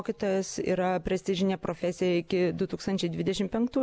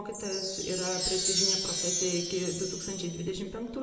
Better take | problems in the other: first | background sound (Wind chime); 1 dB above the speech // room echo; dies away in 1 s

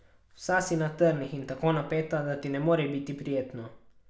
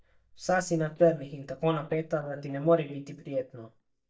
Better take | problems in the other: first | noise reduction (neural mask model DeepFilterNet 3)

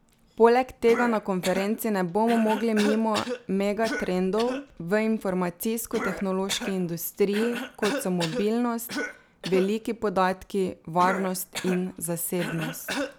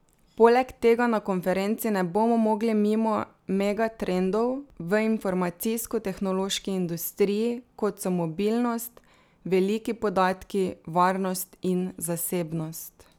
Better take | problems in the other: second | background sound (Cough); 10 dB below the speech

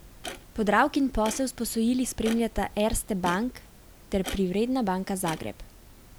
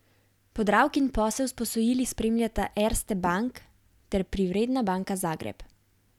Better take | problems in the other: second | background sound (Clock); 16 dB below the speech

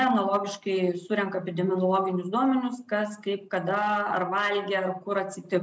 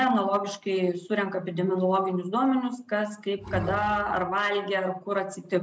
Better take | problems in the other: first | background sound (Bowed string instrument); 9 dB below the speech

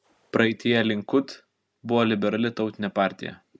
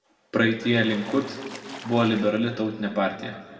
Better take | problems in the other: first | background sound (Splash, splatter); 17 dB below the speech // room echo; dies away in 1.7 s

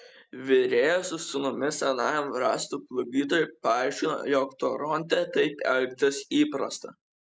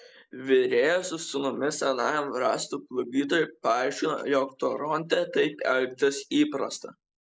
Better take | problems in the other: first | noise reduction (neural mask model Resemble Enhance denoiser)

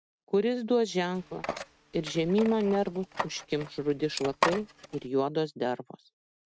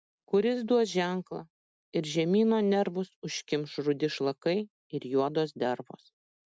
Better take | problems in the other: second | noise reduction (neural mask model RNNoise)

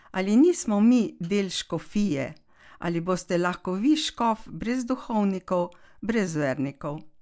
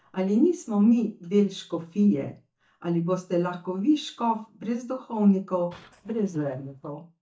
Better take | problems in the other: first | noise reduction (neural mask model DeepFilterNet 3)

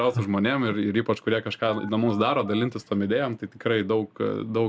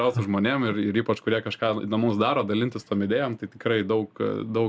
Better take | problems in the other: second | background sound (Telephone); 18 dB below the speech

